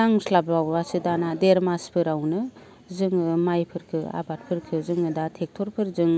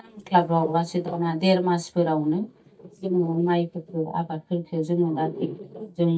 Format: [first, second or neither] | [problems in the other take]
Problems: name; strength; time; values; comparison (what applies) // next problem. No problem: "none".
first | noise reduction (neural mask model DeepFilterNet 3)